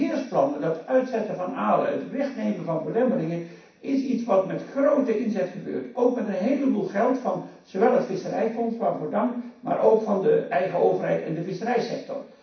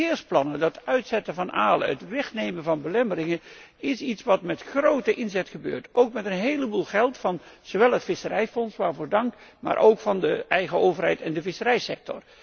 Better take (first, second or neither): second